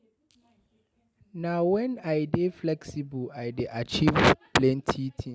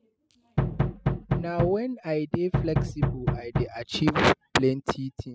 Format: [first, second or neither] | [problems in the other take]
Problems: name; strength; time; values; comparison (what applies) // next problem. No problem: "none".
first | noise reduction (classical method spectral subtraction)